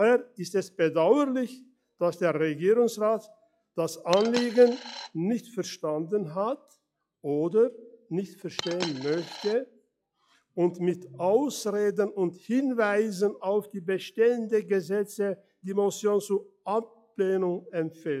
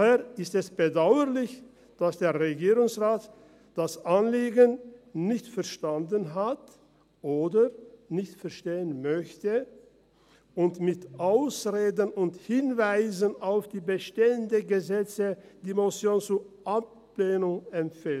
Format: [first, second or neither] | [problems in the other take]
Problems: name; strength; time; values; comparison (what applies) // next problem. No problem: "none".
second | noise reduction (classical method log-MMSE)